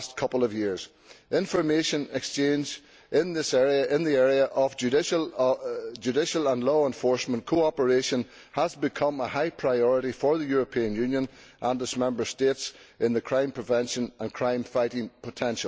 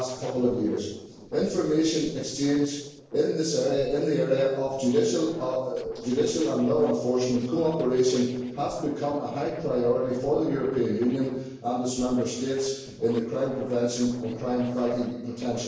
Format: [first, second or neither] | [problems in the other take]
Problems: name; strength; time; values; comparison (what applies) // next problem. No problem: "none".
first | noise reduction (neural separator model SepFormer DNS4)